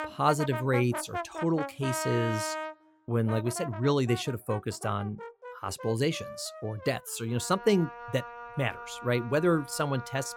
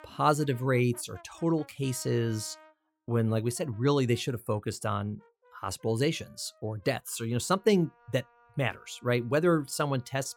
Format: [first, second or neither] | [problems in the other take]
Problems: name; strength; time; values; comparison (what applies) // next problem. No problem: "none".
second | background music; loud; throughout; 10 dB below the speech; faint in the second